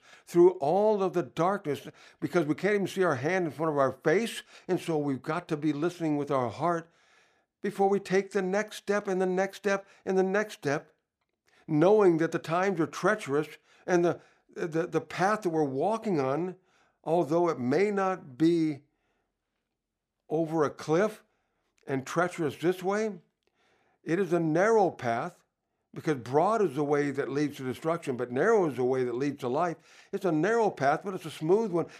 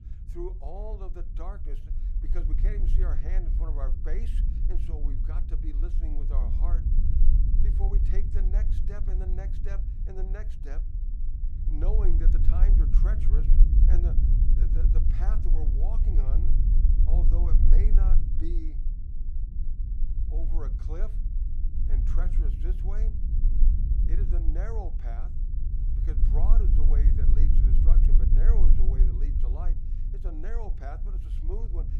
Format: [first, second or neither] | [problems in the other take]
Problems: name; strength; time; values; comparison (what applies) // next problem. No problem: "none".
first | low rumble; loud; throughout; 2 dB below the speech